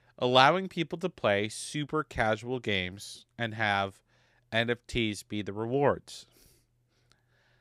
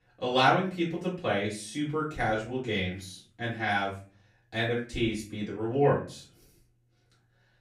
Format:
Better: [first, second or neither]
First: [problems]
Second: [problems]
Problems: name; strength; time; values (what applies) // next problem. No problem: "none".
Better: first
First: none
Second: room echo; slight; dies away in 0.3 s // off-mic speech; far